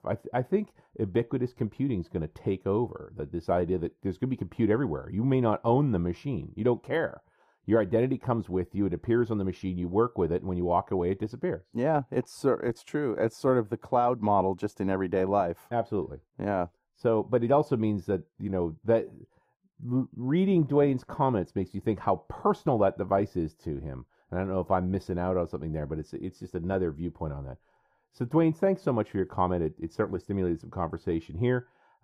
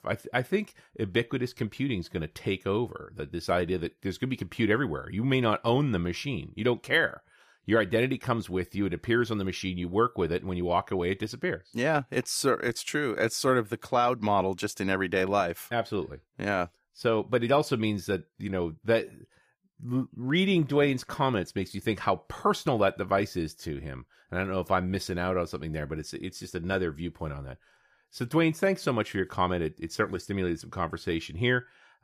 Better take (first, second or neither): second